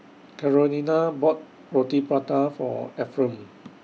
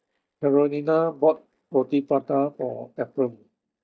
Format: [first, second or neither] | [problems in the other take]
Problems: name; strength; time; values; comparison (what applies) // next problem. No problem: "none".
first | noise reduction (neural mask model DeepFilterNet 3)